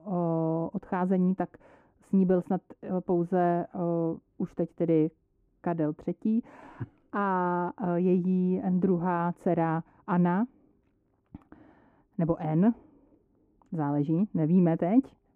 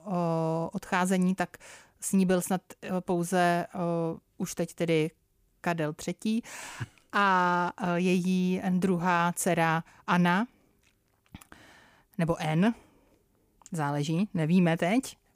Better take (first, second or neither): second